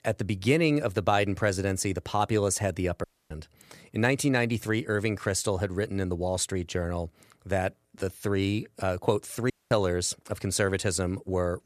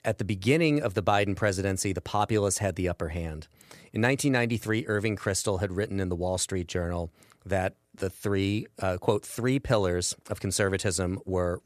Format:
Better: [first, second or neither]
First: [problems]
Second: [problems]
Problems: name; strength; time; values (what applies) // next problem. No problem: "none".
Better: second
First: audio cutting out; at 3 s and at 9.5 s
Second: none